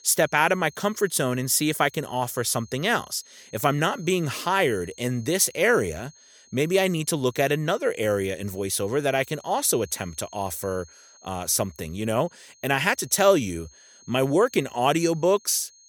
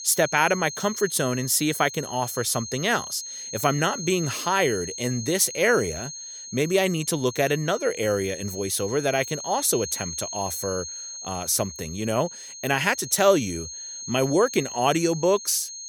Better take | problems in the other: first | high-pitched whine; loud; throughout; 6.5 kHz, 10 dB below the speech; faint in the first

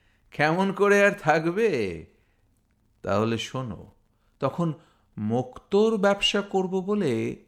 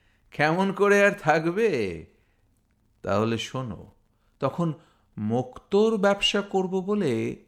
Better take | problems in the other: neither | none

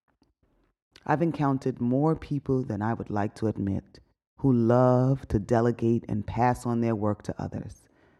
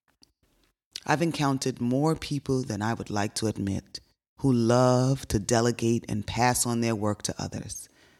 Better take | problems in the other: second | muffled; very; fading above 2.5 kHz

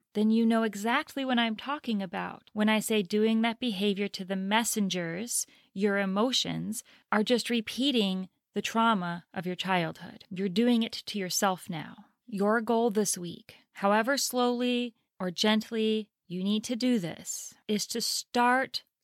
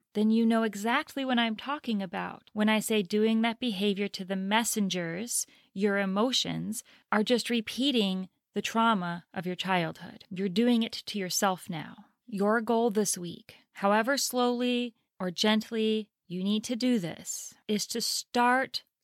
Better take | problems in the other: neither | none

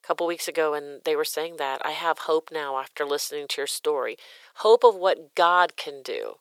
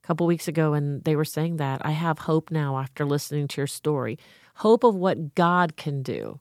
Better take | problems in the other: second | thin; very; fading below 450 Hz

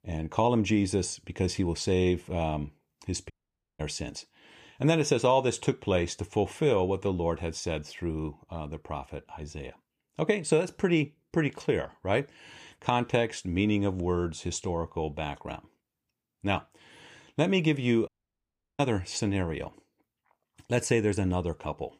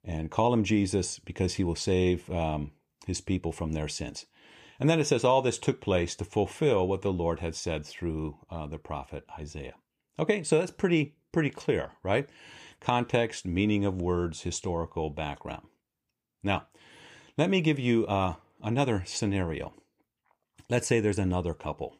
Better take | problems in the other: second | audio cutting out; at 3.5 s and at 18 s for 0.5 s

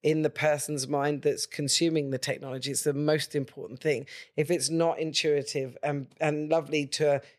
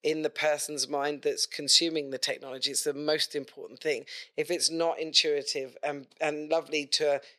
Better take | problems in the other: first | thin; somewhat; fading below 350 Hz

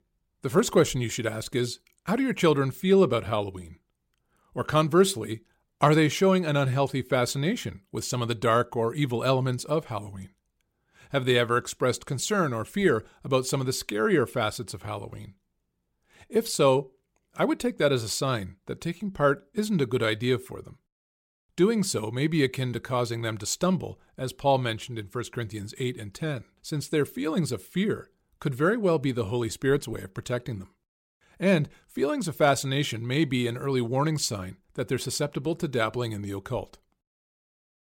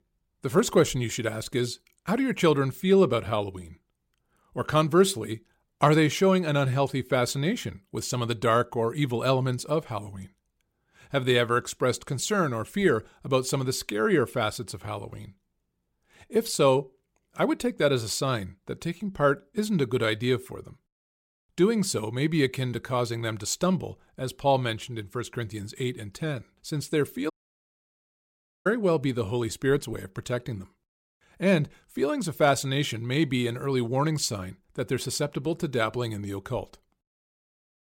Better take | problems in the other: first | audio cutting out; at 27 s for 1.5 s

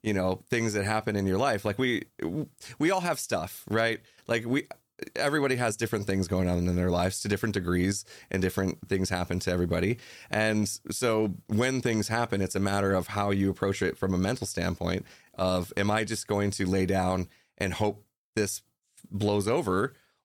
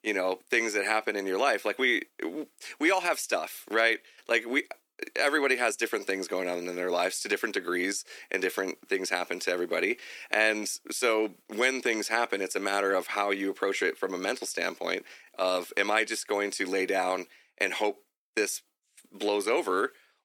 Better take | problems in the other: first | thin; somewhat; fading below 300 Hz

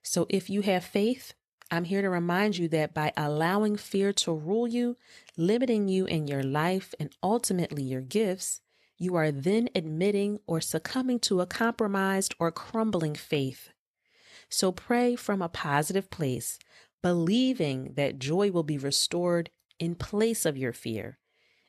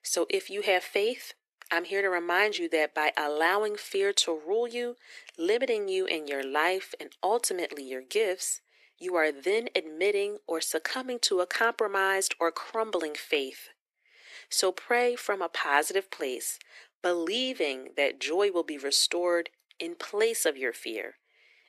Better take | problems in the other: first | thin; very; fading below 350 Hz

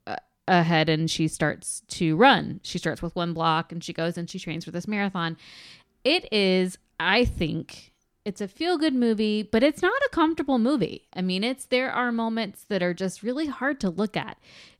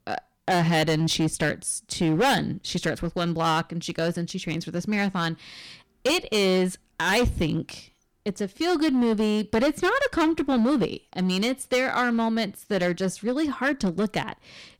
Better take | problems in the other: first | distortion; heavy; 10% of the sound clipped

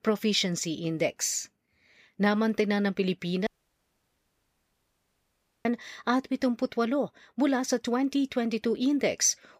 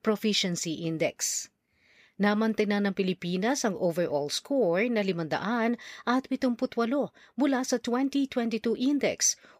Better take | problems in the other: second | audio cutting out; at 3.5 s for 2 s

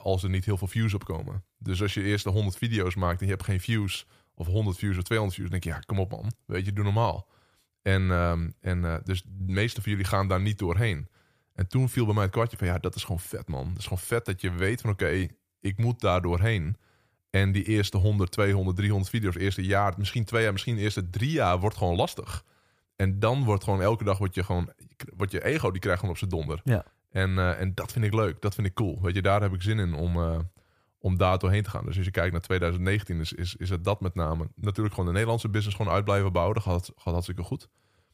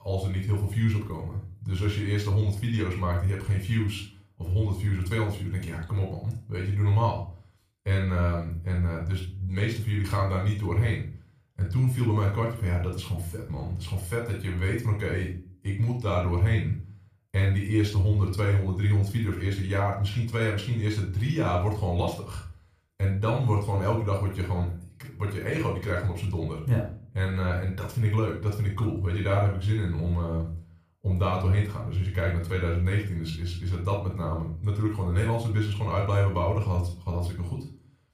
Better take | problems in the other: first | off-mic speech; somewhat distant // room echo; slight; dies away in 0.3 s

